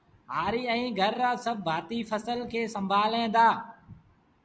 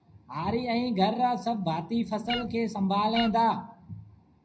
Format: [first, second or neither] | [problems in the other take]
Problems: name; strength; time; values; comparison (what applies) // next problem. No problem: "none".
first | background sound (Meow); 11 dB below the speech // room echo; dies away in 0.4 s